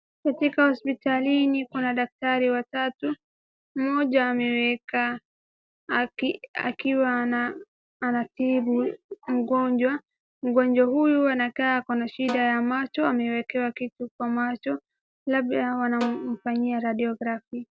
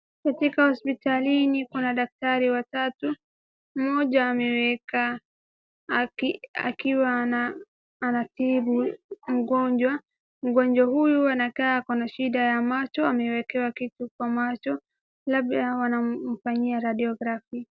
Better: second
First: background sound (Snare drum); 15 dB below the speech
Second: none

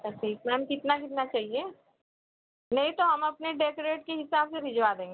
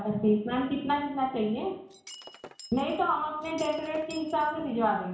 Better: first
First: none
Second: background sound (Shatter); 19 dB below the speech // room echo; dies away in 0.6 s

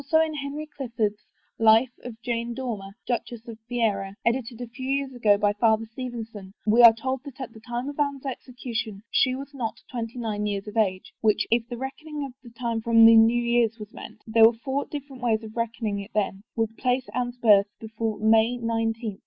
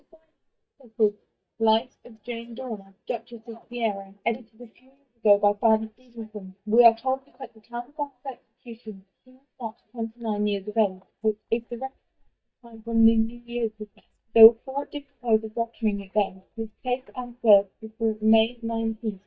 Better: first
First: none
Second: noise reduction (neural mask model DeepFilterNet 3)

